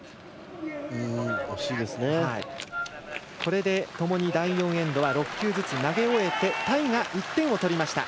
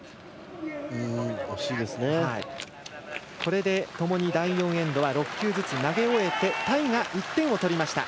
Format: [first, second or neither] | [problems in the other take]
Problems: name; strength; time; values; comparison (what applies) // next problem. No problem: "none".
second | background sound (Wind instrument, woodwind instrument); 11 dB below the speech